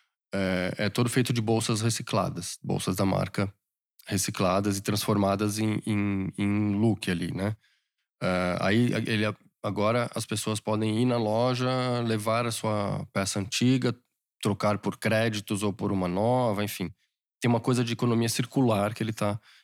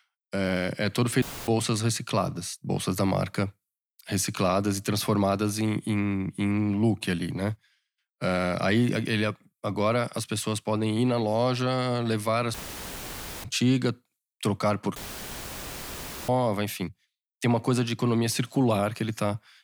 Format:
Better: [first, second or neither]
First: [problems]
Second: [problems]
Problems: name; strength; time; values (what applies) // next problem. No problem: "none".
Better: first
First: none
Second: audio cutting out; filled with static; at 1 s, at 13 s for 1 s and at 15 s for 1.5 s